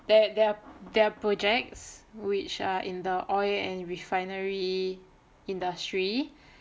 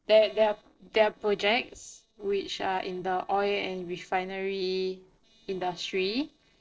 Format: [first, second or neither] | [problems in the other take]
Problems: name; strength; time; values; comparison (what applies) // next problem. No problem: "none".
first | noise reduction (neural separator model SepFormer DNS4)